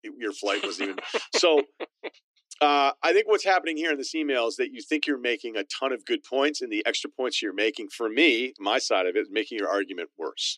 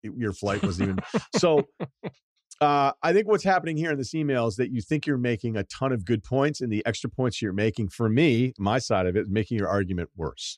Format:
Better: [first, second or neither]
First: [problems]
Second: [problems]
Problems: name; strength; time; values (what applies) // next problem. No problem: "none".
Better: second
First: thin; somewhat; fading below 300 Hz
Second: none